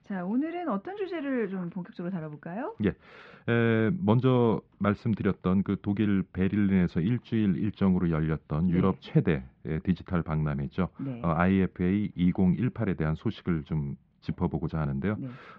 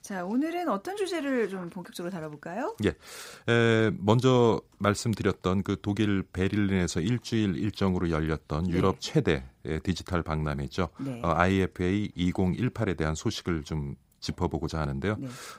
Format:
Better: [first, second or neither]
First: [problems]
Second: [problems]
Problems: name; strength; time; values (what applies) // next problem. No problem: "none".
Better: second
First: muffled; very; fading above 3 kHz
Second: none